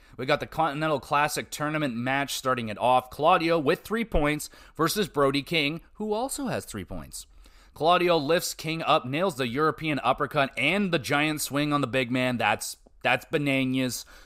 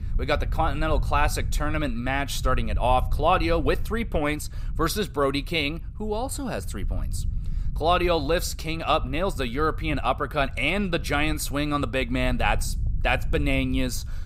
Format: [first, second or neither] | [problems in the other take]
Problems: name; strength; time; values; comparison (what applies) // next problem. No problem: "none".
first | low rumble; faint; throughout; 25 dB below the speech